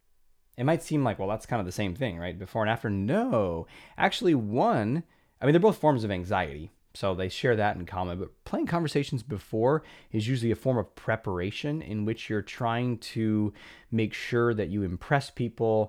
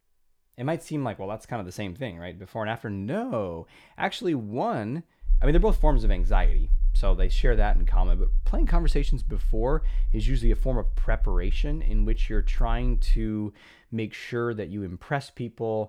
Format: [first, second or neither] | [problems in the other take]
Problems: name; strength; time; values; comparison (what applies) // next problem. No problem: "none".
first | low rumble; faint; from 5.5 to 13 s; 25 dB below the speech